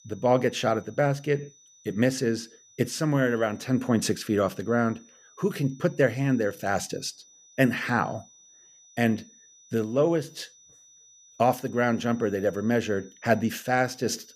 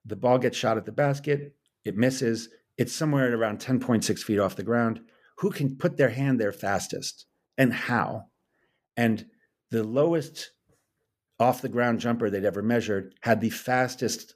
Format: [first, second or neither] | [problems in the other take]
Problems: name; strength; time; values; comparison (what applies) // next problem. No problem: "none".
second | high-pitched whine; faint; throughout; 6 kHz, 25 dB below the speech